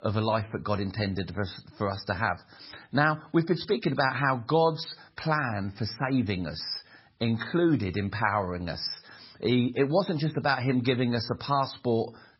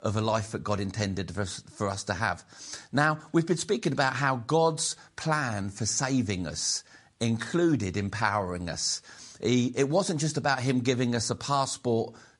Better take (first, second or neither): second